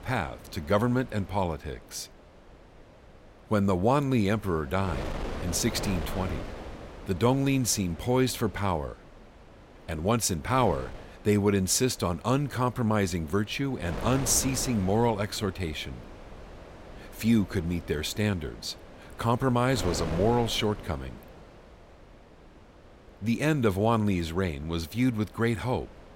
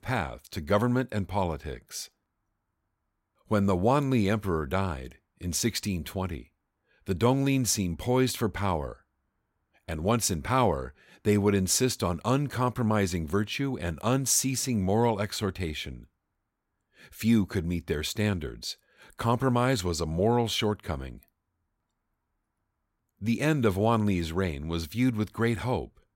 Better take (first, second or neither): second